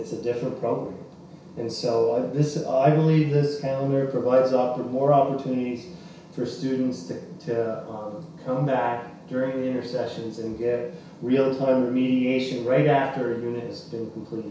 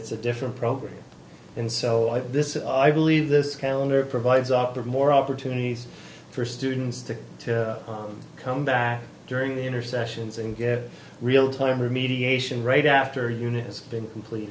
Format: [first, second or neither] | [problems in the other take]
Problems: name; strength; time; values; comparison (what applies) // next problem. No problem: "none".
second | room echo; dies away in 0.6 s